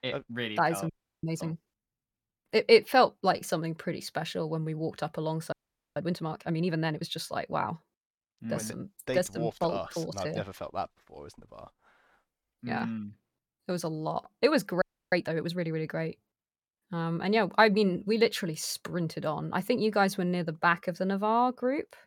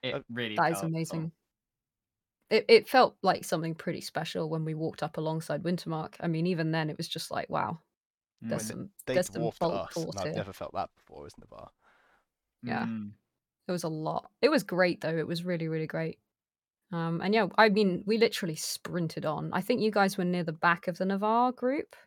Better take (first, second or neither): second